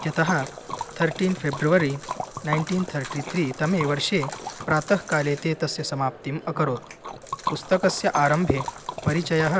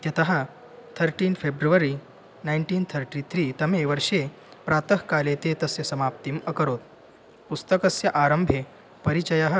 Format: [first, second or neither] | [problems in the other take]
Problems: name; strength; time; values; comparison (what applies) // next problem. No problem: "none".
second | background sound (Liquid); 11 dB below the speech